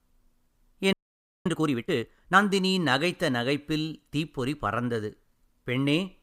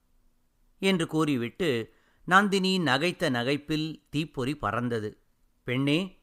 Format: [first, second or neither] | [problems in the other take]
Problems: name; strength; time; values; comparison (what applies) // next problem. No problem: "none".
second | audio freezing; at 1 s for 0.5 s